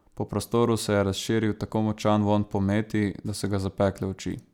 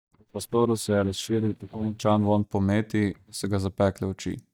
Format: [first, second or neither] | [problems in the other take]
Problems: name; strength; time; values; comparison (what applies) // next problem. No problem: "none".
first | noise reduction (neural mask model DeepFilterNet 3)